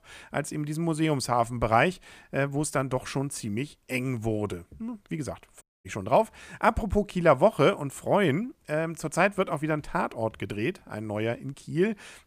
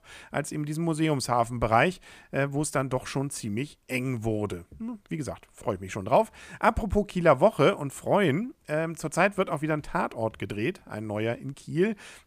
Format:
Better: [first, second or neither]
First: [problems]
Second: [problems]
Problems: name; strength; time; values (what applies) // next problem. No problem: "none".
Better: second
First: audio cutting out; at 5.5 s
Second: none